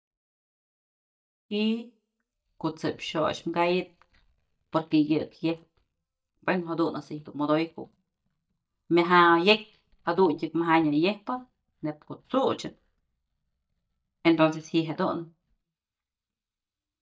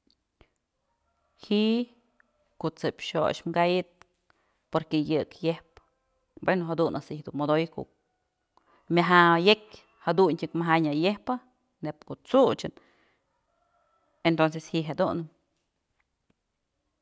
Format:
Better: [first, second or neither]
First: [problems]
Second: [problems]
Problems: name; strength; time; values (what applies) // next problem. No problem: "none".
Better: second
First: noise reduction (neural mask model DeepFilterNet 3)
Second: none